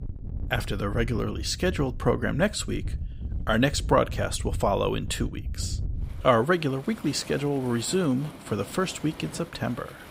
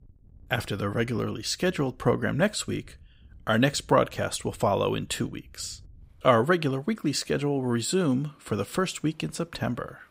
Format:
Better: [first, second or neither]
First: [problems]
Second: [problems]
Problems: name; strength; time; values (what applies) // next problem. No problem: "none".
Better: second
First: rain or running water; loud; throughout; 10 dB below the speech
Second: rain or running water; faint; throughout; 30 dB below the speech